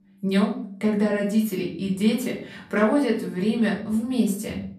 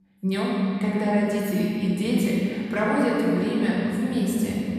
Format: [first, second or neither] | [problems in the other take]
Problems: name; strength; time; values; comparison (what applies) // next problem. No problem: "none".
first | room echo; strong; dies away in 3 s; slight in the first // off-mic speech; far; far in the first